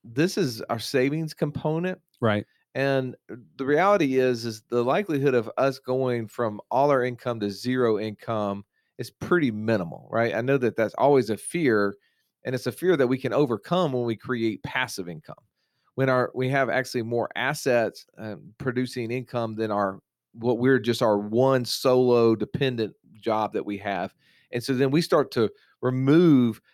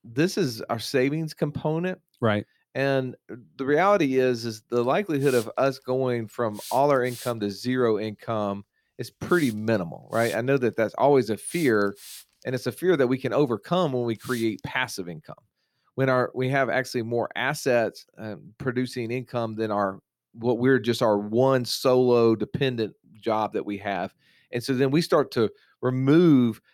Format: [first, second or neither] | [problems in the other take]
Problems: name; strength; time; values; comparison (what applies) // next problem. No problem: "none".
first | hiss; noticeable; from 4.5 to 15 s; 15 dB below the speech